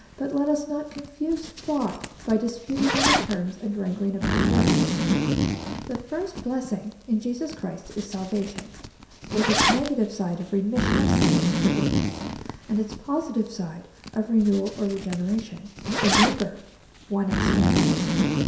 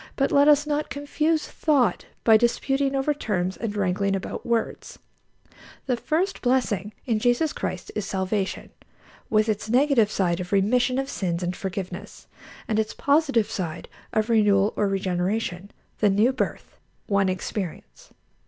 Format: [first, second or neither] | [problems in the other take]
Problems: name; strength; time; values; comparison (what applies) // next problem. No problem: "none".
second | background sound (Zipper (clothing)); 1 dB above the speech // room echo; dies away in 0.7 s